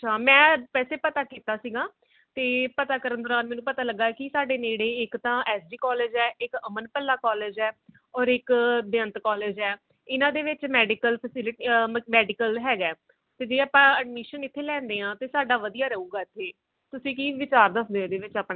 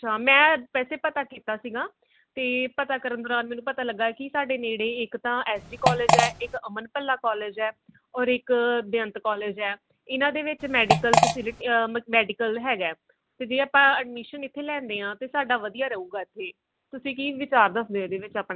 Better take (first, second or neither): first